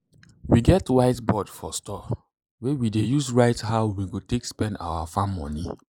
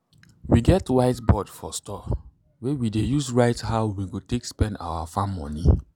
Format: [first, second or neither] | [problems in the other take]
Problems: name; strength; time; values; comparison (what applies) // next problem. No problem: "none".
second | noise reduction (neural mask model Resemble Enhance denoiser)